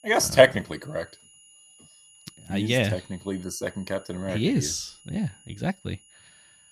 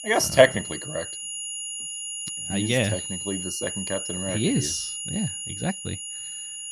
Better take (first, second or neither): first